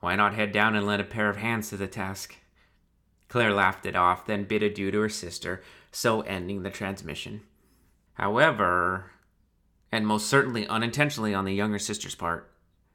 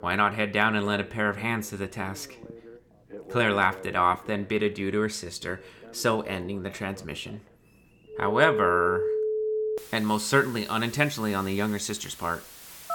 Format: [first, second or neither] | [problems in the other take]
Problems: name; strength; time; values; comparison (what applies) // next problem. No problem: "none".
first | alarms or sirens; loud; throughout; 7 dB below the speech